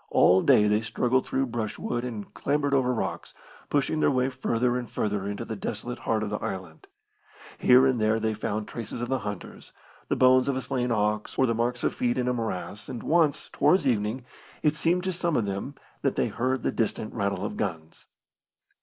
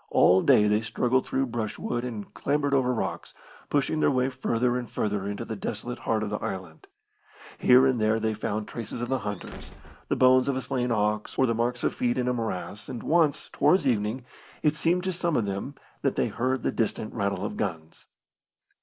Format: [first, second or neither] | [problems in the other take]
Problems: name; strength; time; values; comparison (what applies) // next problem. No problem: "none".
first | background sound (Squeak / Slam / Wood); 18 dB below the speech